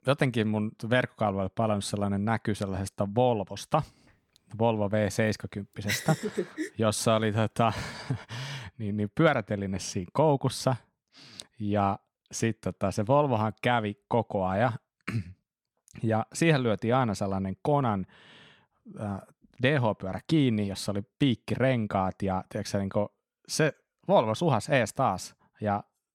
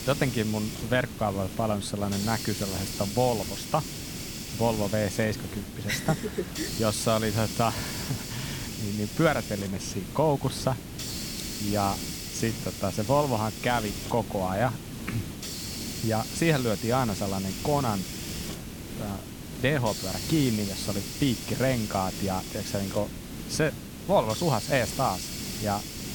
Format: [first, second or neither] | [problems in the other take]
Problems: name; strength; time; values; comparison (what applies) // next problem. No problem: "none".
first | hiss; loud; throughout; 6 dB below the speech